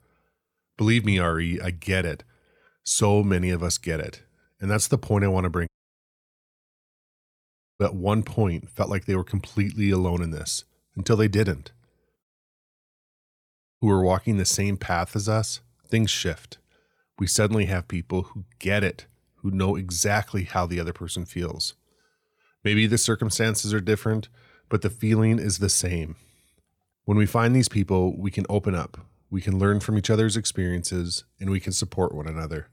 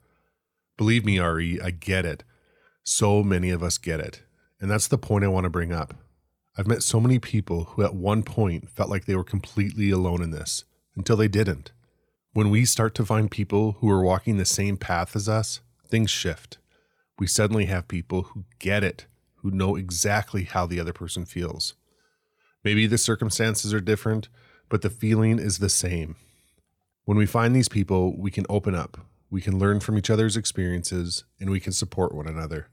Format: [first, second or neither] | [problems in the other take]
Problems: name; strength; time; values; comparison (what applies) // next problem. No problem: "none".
second | audio cutting out; at 5.5 s for 2 s and at 12 s for 1.5 s